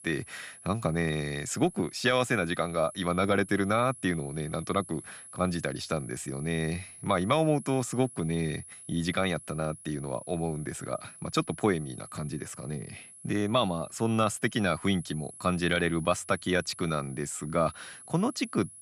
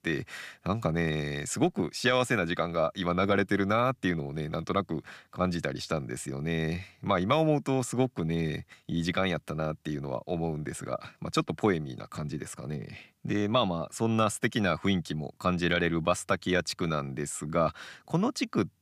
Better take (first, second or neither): second